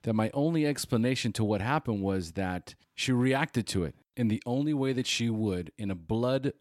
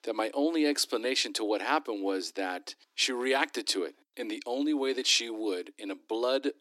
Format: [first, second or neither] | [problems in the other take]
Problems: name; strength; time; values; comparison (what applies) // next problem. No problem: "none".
first | thin; somewhat; fading below 300 Hz